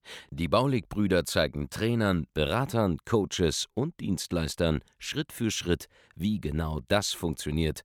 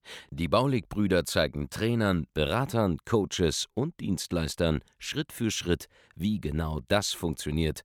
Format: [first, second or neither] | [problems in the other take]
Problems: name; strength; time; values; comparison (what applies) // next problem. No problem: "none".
neither | none